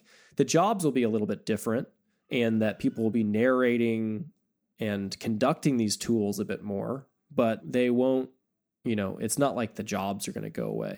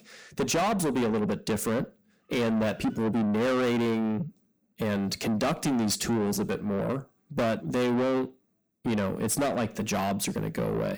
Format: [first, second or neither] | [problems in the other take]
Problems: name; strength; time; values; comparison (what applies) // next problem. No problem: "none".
first | distortion; heavy; 6 dB below the speech